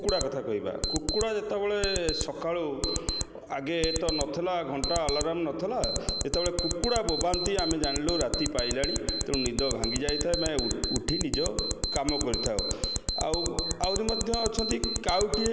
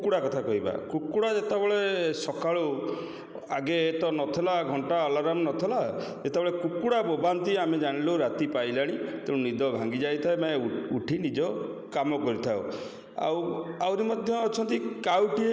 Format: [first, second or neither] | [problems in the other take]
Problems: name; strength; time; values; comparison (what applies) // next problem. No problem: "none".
second | background sound (Alarm); 1 dB below the speech